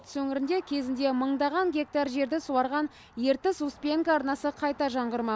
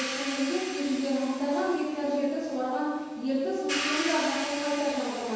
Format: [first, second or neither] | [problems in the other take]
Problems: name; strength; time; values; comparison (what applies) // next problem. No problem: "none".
first | background sound (Hi-hat); 8 dB below the speech // room echo; dies away in 1.2 s